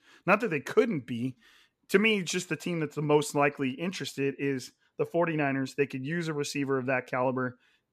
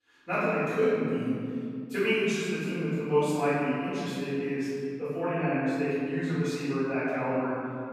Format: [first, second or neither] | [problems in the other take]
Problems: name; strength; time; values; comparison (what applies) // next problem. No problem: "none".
first | room echo; strong; dies away in 2.4 s // off-mic speech; far